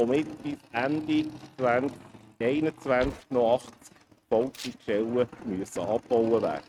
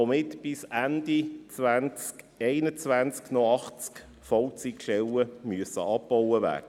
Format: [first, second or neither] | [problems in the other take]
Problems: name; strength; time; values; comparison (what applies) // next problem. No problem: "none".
second | noise reduction (neural mask model RNNoise)